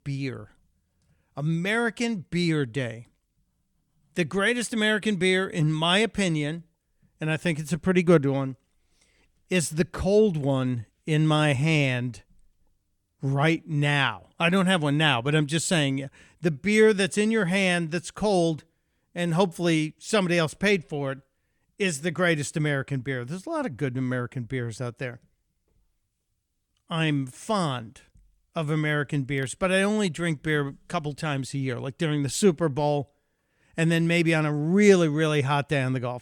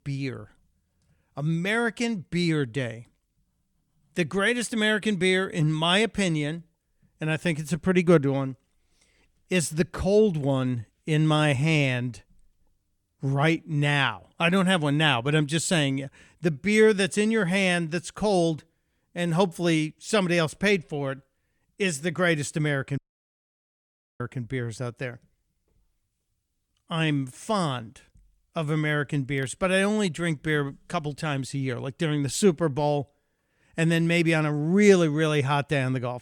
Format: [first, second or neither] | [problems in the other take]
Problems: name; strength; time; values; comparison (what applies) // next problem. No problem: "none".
first | audio cutting out; at 23 s for 1 s